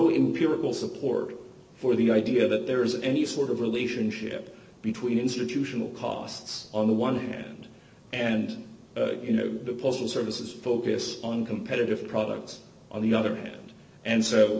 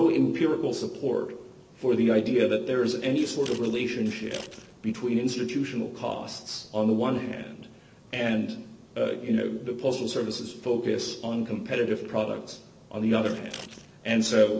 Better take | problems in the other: first | background sound (Scissors); 18 dB below the speech

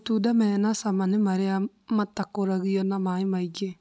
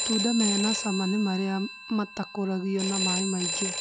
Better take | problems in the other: first | background sound (Telephone); 3 dB below the speech

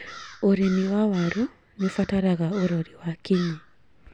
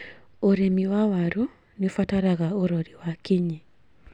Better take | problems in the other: second | background sound (Crow); 19 dB below the speech

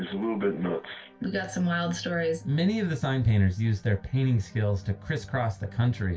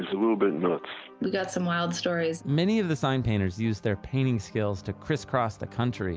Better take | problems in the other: second | room echo; dies away in 0.2 s

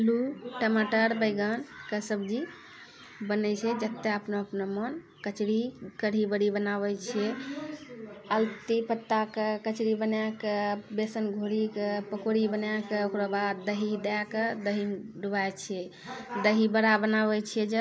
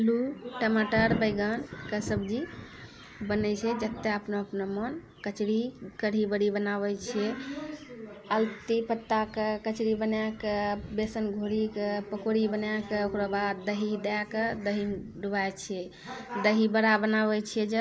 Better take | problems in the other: first | background sound (Thunder); 16 dB below the speech

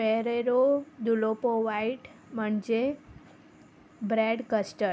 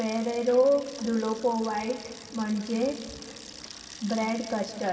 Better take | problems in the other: first | background sound (Bicycle); 16 dB below the speech // room echo; dies away in 1.9 s

